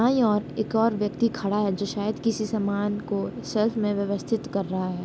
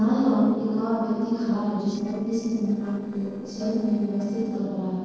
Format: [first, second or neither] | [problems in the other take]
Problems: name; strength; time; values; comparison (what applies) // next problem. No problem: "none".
first | noise reduction (neural separator model SepFormer DNS4)